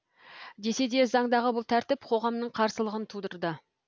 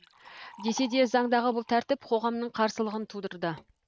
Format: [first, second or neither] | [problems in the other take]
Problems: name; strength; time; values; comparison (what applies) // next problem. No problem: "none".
first | noise reduction (neural mask model RNNoise)